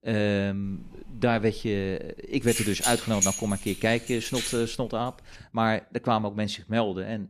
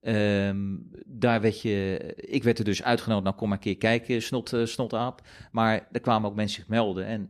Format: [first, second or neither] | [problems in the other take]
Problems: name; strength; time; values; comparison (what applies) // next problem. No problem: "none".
second | jangling keys; loud; from 1.5 to 4.5 s; peak 2 dB above the speech